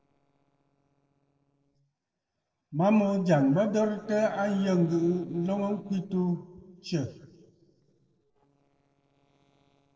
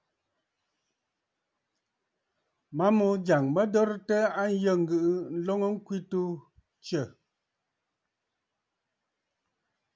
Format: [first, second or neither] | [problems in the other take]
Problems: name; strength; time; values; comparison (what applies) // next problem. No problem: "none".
second | noise reduction (neural separator model SepFormer DNS4)